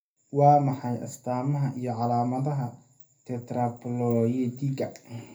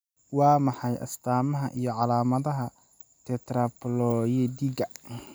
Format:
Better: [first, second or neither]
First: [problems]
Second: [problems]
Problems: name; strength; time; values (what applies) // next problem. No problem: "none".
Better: second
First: room echo; dies away in 0.3 s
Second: none